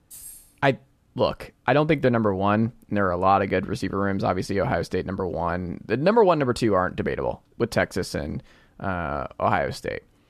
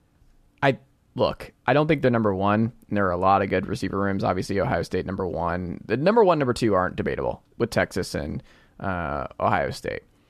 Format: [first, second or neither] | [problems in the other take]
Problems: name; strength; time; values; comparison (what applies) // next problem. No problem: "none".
second | jangling keys; faint; at the start; peak 15 dB below the speech